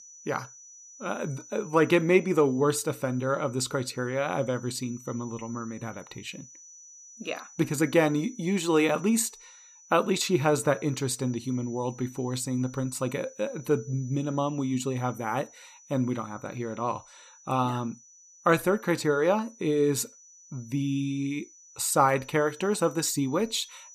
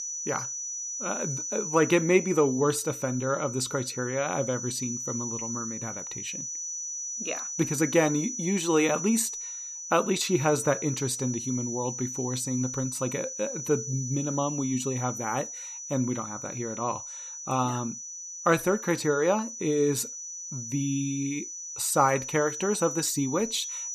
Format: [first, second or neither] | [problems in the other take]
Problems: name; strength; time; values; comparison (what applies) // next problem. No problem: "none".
first | high-pitched whine; loud; throughout; 6 kHz, 6 dB below the speech; faint in the first